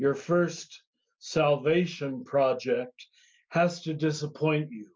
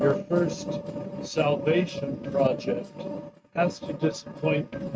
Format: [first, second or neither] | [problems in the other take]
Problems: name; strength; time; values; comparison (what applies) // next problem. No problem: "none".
first | noise reduction (neural mask model RNNoise)